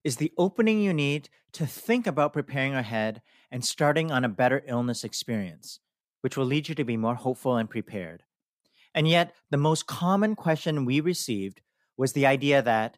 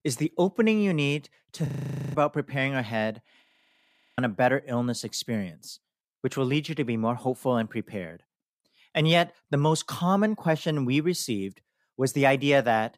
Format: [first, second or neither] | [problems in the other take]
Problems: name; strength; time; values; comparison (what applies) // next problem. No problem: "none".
first | audio freezing; at 1.5 s and at 3.5 s for 0.5 s